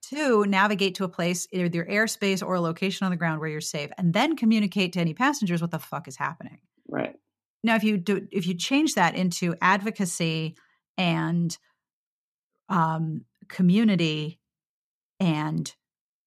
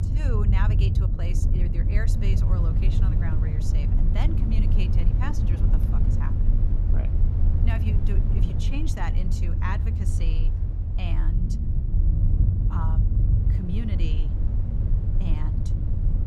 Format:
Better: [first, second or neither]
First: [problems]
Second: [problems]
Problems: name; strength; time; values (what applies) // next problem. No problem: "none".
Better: first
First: none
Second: low rumble; loud; throughout; 1 dB below the speech